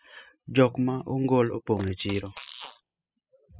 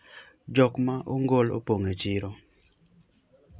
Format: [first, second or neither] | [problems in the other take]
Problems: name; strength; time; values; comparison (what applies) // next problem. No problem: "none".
second | noise reduction (classical method spectral subtraction)